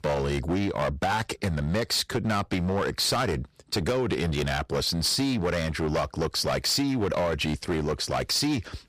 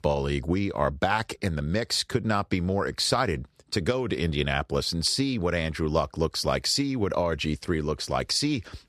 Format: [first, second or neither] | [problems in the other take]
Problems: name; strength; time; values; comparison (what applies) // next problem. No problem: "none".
second | distortion; heavy; 15% of the sound clipped